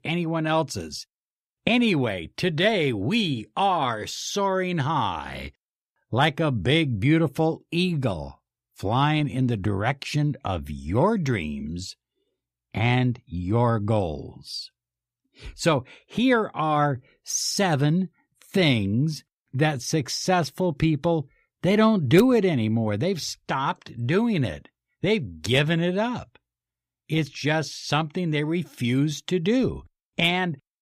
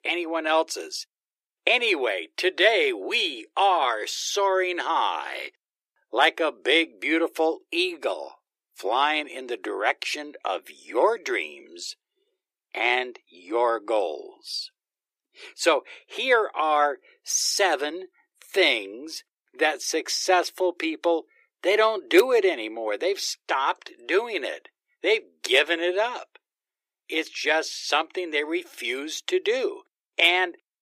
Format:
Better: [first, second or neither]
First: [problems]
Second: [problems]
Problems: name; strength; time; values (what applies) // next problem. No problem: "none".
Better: first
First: none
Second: thin; very; fading below 350 Hz